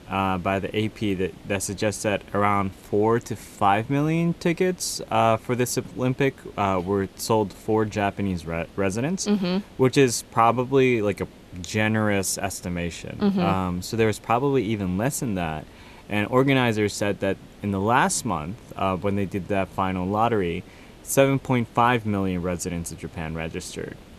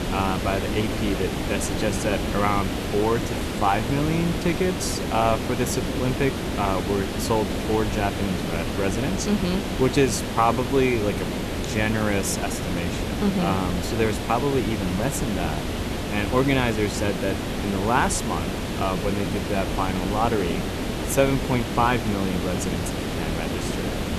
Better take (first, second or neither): first